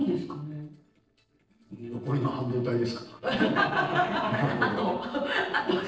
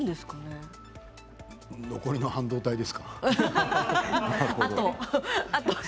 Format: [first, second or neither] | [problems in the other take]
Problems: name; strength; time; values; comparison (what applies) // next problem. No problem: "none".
second | noise reduction (neural separator model SepFormer DNS4)